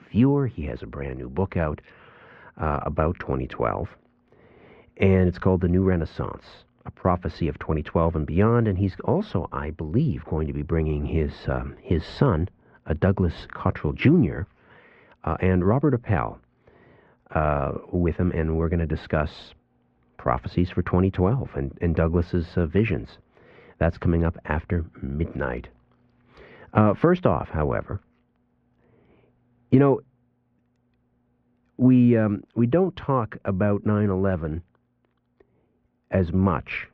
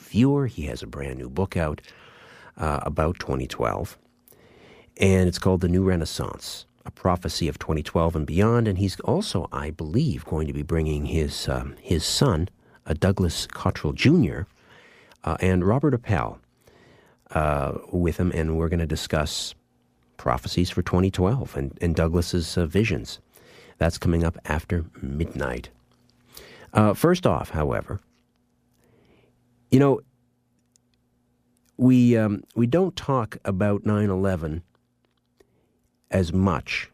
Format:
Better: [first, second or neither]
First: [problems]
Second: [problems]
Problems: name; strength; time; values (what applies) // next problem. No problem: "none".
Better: second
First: muffled; very; fading above 2.5 kHz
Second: none